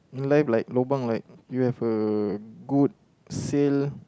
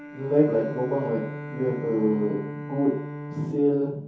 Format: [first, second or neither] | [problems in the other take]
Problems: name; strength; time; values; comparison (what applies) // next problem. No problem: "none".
first | background sound (Bowed string instrument); 10 dB below the speech // room echo; dies away in 0.6 s